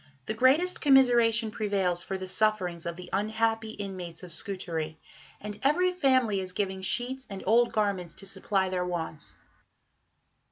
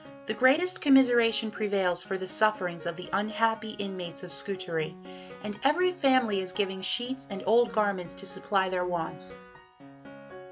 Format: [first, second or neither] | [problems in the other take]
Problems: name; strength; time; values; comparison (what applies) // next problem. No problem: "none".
first | background sound (Piano); 17 dB below the speech